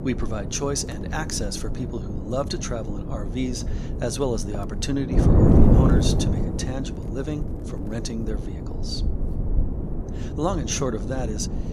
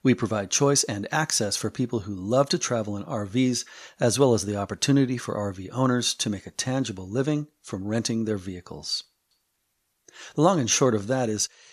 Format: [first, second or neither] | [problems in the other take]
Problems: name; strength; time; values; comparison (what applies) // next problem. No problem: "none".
second | wind noise on the microphone; heavy; 2 dB below the speech